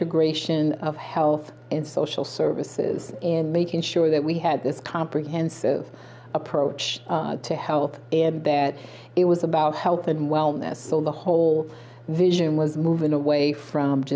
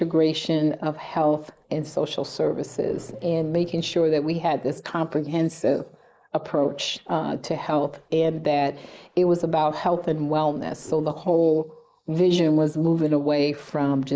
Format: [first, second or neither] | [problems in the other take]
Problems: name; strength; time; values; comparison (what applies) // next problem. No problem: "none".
first | noise reduction (neural mask model Resemble Enhance denoiser)